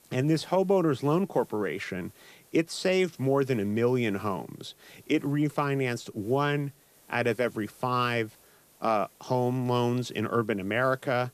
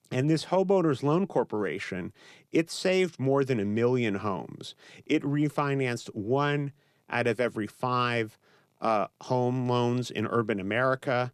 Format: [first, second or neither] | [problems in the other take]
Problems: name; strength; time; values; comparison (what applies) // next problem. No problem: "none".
second | hiss; faint; throughout; 30 dB below the speech